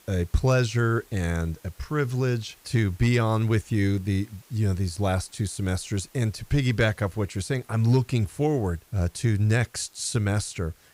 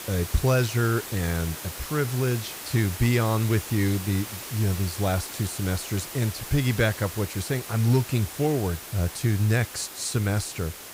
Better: first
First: hiss; faint; throughout; 30 dB below the speech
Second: hiss; loud; throughout; 10 dB below the speech

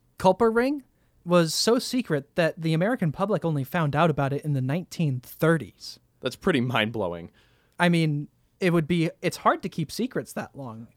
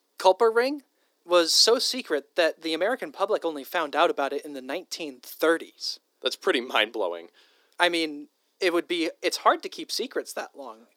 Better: first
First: none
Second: thin; very; fading below 300 Hz

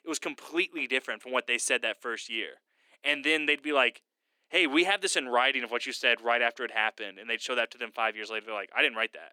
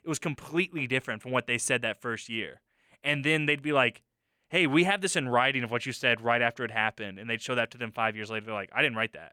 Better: second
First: thin; somewhat; fading below 300 Hz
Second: none

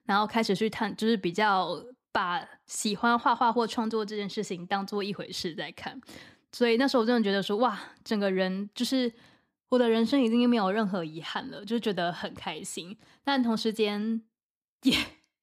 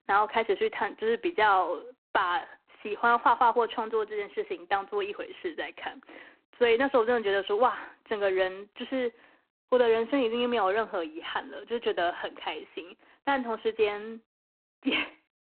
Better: first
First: none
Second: phone-call audio; poor line

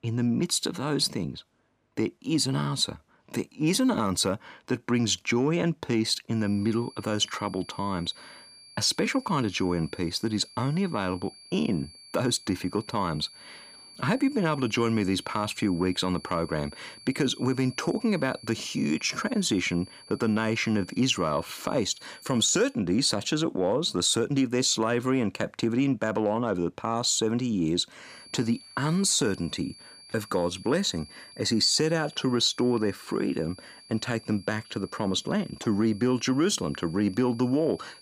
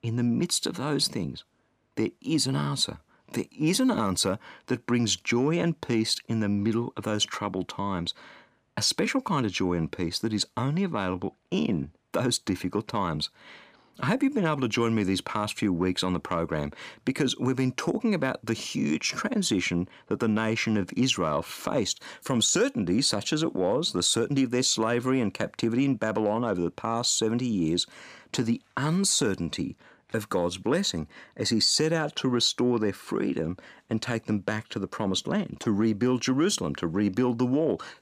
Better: second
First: high-pitched whine; faint; from 6.5 to 23 s and from 28 s on; 4.5 kHz, 20 dB below the speech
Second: none

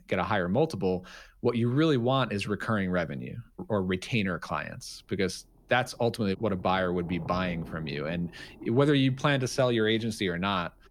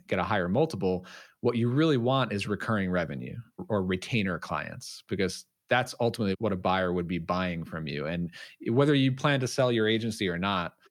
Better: second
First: low rumble; faint; throughout; 25 dB below the speech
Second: none

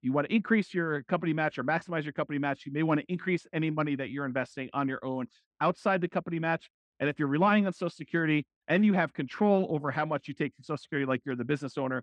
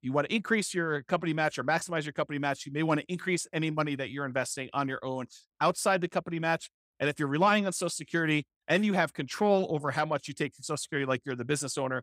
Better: second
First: muffled; slightly; fading above 2.5 kHz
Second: none

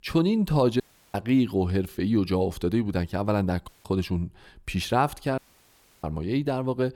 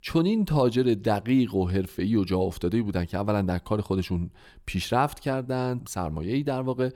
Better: second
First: audio cutting out; at 1 s, at 3.5 s and at 5.5 s for 0.5 s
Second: none

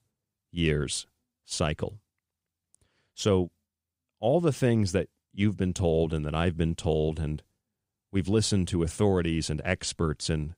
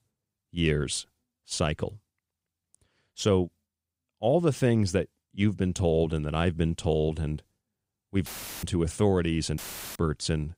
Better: first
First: none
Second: audio cutting out; filled with static; at 8.5 s and at 9.5 s

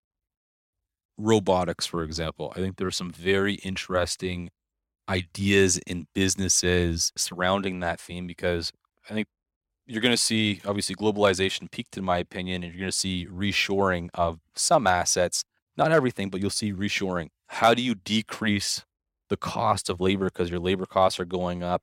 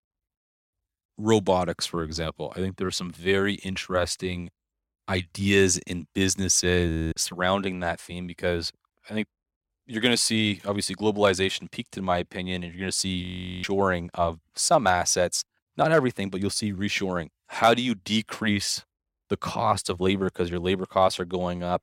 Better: first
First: none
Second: audio freezing; at 7 s and at 13 s

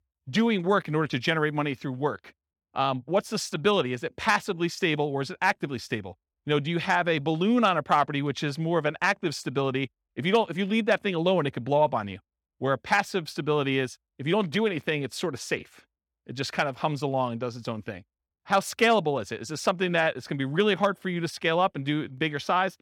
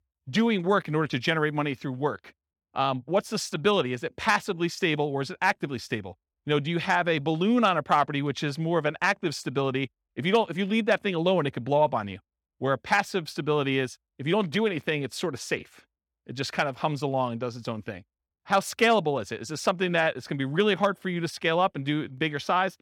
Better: neither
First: none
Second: none

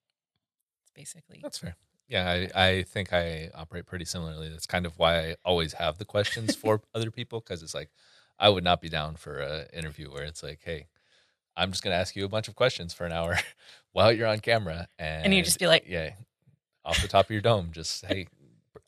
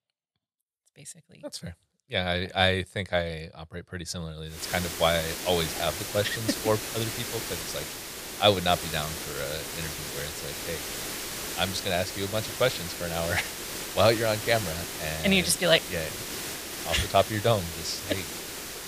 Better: first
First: none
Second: hiss; loud; from 4.5 s on; 6 dB below the speech

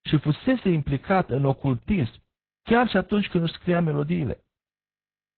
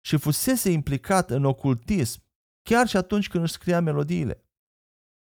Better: second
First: garbled, watery; badly; nothing above 4 kHz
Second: none

